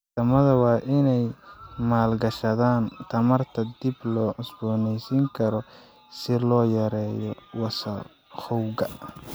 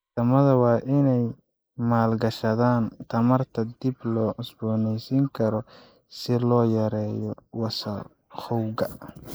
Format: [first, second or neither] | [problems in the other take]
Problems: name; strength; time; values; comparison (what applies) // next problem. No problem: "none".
first | noise reduction (neural mask model Resemble Enhance denoiser)